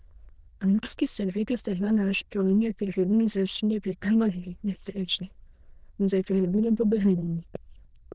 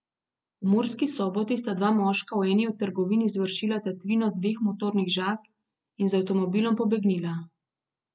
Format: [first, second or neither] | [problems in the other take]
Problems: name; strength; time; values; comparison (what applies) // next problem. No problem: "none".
second | noise reduction (neural diffusion model UNIVERSE++)